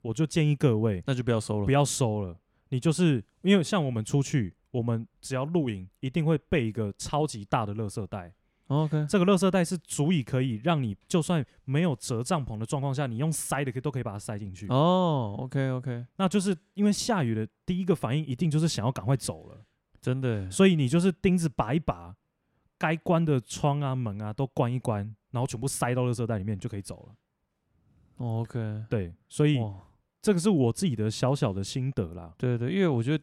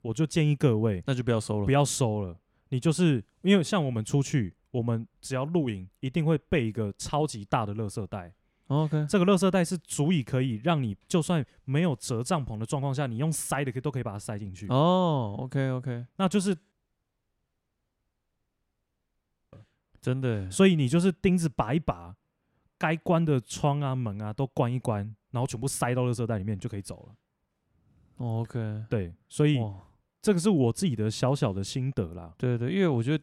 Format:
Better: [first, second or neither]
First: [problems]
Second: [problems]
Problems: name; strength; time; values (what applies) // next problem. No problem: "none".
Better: first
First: none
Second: audio cutting out; at 17 s for 3 s